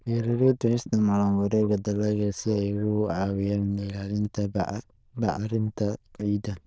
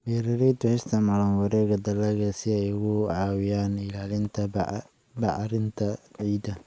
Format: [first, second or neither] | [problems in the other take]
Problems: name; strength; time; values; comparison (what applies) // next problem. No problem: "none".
second | noise reduction (neural diffusion model UNIVERSE++)